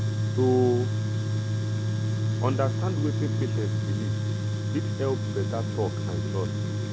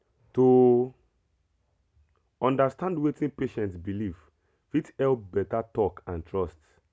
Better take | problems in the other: second | background sound (Tools); 4 dB above the speech

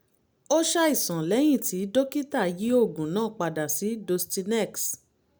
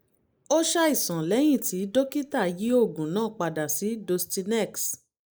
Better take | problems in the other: first | noise reduction (neural mask model Resemble Enhance denoiser)

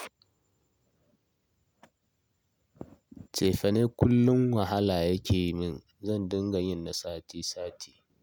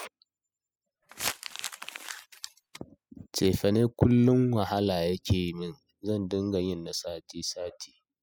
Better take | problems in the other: first | noise reduction (classical method spectral subtraction)

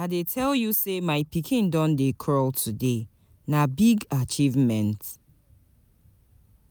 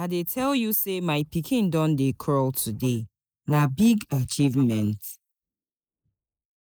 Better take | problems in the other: first | noise reduction (neural mask model Resemble Enhance denoiser)

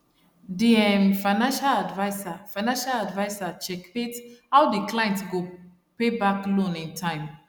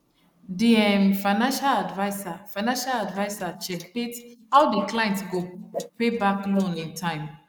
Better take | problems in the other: first | noise reduction (neural mask model Resemble Enhance denoiser)

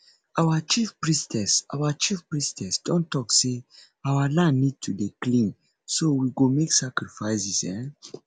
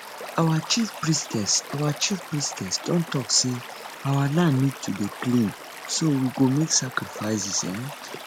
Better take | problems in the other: first | background sound (Stream / Liquid); 13 dB below the speech

